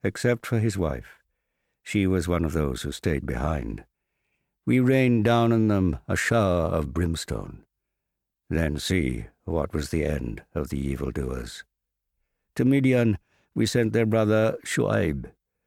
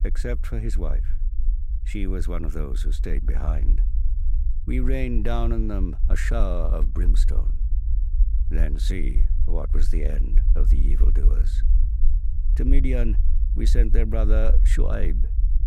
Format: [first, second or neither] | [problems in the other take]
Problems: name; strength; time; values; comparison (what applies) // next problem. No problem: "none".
first | low rumble; noticeable; throughout; 15 dB below the speech